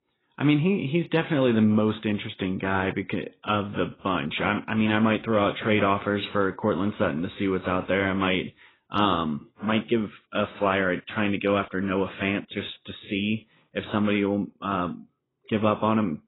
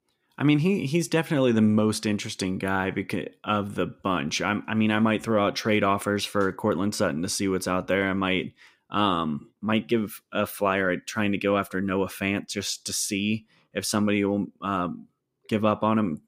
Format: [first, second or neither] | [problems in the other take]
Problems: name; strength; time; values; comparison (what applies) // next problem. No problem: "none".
second | garbled, watery; badly; nothing above 4 kHz